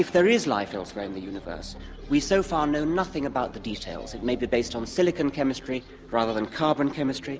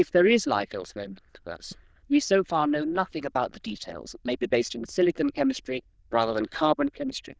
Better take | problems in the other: first | noise reduction (neural diffusion model UNIVERSE++)

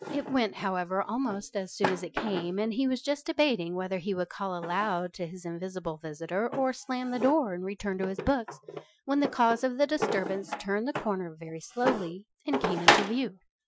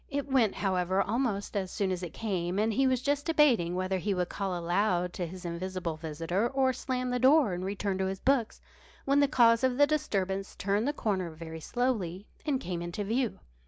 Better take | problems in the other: second | noise reduction (classical method Wiener filter)

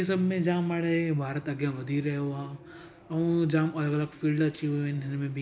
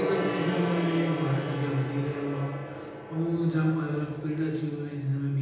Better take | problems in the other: first | background sound (Gong); 6 dB below the speech // room echo; dies away in 1 s

